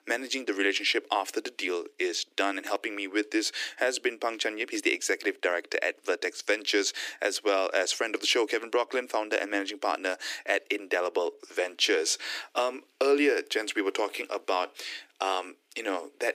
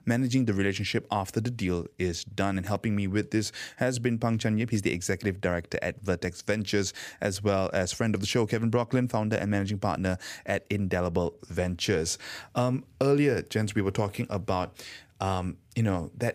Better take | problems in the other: second | thin; very; fading below 300 Hz

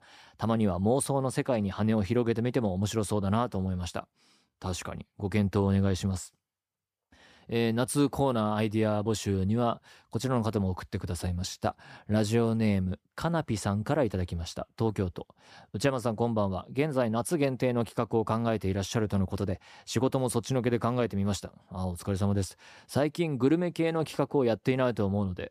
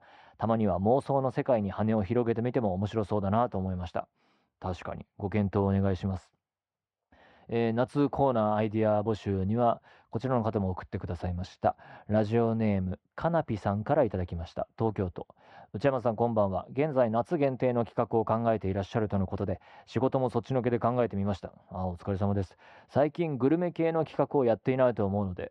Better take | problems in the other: first | muffled; very; fading above 2.5 kHz

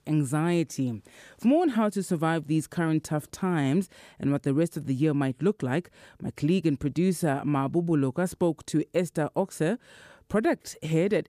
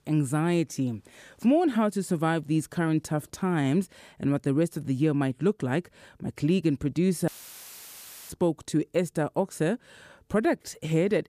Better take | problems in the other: first | audio cutting out; filled with static; at 7.5 s for 1 s

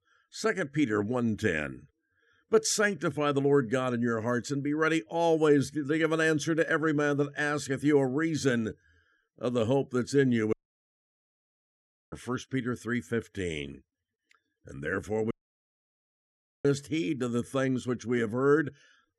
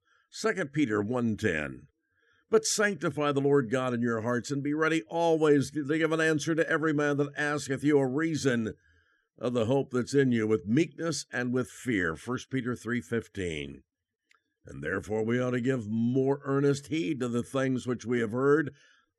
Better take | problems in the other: second | audio cutting out; at 11 s for 1.5 s and at 15 s for 1.5 s

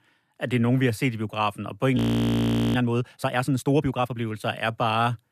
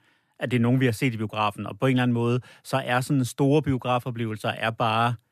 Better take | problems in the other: second | audio freezing; at 2 s for 1 s

